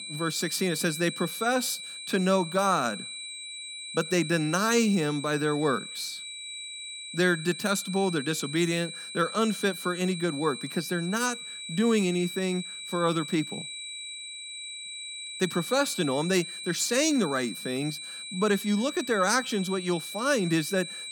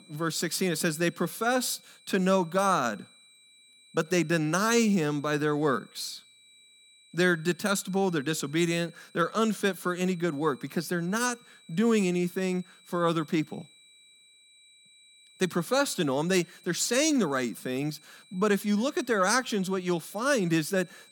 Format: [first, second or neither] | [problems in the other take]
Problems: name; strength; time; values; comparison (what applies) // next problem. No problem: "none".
second | high-pitched whine; loud; throughout; 4 kHz, 9 dB below the speech; faint in the second